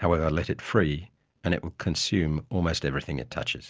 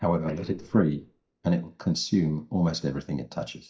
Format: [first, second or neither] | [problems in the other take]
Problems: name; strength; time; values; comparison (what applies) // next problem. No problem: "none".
first | noise reduction (neural mask model DeepFilterNet 3)